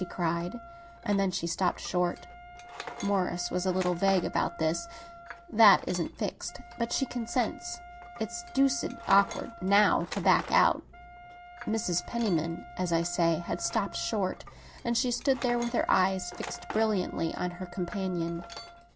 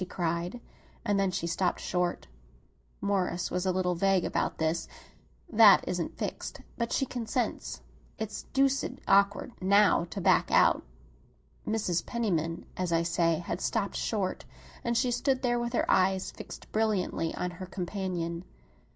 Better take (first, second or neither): second